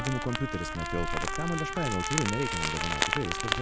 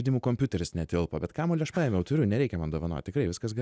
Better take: second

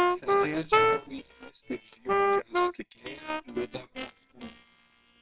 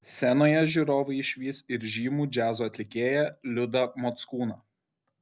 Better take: second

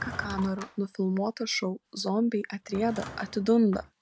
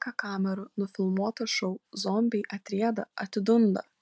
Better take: second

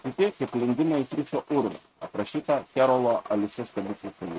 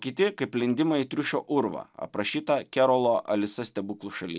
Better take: second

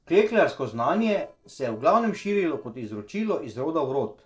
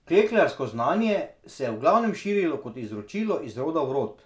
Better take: second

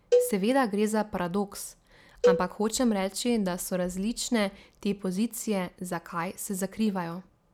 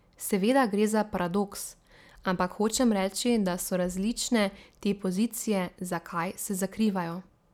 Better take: second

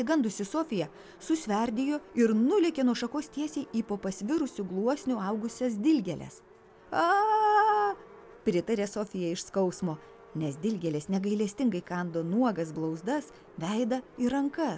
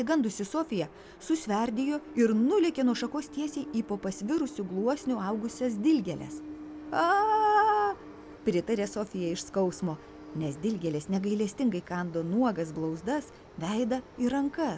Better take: first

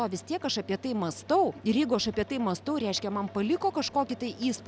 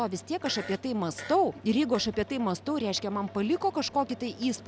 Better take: first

